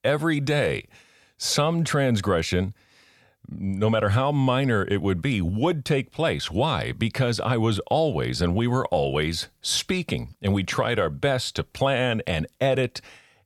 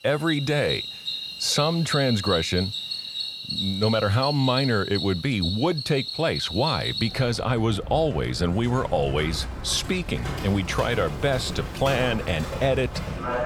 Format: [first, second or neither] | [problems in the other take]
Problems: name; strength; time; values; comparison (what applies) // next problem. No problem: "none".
first | animal sounds; loud; throughout; 6 dB below the speech